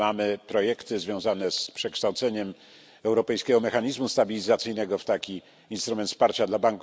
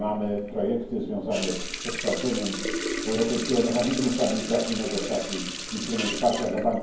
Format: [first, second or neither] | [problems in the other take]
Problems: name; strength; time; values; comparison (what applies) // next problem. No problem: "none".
first | background sound (Water tap, faucet); 6 dB below the speech // room echo; dies away in 0.9 s